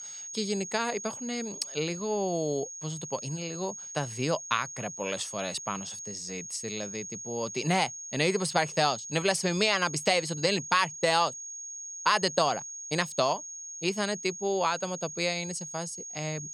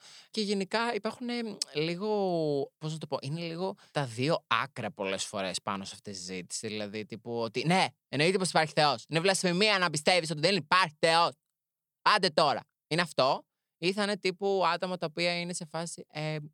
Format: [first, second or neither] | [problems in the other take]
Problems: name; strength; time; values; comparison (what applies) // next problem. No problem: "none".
second | high-pitched whine; loud; throughout; 6.5 kHz, 9 dB below the speech